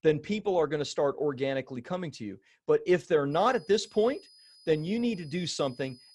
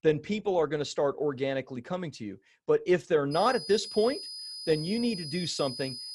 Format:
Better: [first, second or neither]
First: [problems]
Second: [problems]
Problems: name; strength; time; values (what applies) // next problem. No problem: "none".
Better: first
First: high-pitched whine; faint; from 3.5 s on; 5 kHz, 25 dB below the speech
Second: high-pitched whine; loud; from 3.5 s on; 5 kHz, 9 dB below the speech